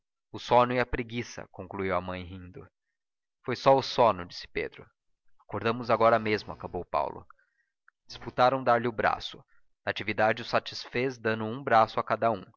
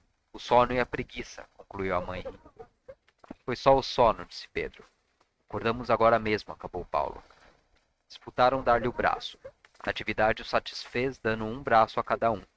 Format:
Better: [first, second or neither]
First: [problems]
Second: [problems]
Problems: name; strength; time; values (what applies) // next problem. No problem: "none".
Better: first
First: none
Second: noise reduction (neural mask model RNNoise)